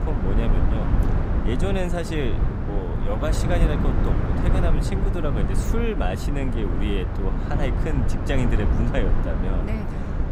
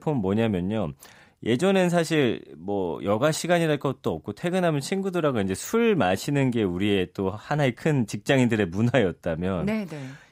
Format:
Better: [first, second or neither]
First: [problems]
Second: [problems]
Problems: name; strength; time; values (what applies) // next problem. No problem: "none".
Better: second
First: low rumble; loud; throughout; 2 dB below the speech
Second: none